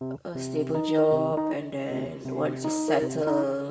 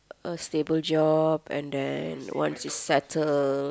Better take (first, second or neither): second